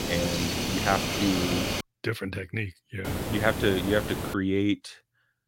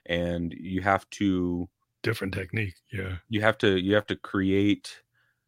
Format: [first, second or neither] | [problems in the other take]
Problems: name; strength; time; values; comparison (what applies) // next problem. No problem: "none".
second | hiss; loud; until 2 s and from 3 to 4.5 s; 1 dB below the speech